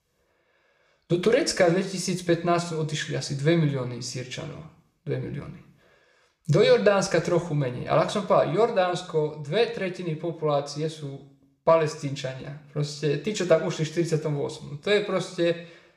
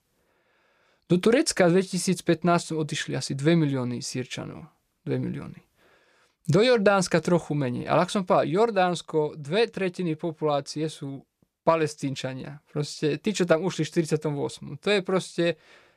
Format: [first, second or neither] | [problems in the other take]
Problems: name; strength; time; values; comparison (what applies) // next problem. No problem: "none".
second | room echo; slight; dies away in 0.6 s